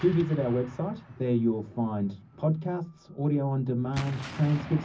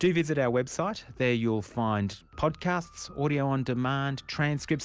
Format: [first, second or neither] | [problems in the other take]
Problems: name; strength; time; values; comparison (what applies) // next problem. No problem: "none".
second | background sound (Explosion); 16 dB below the speech // room echo; dies away in 0.4 s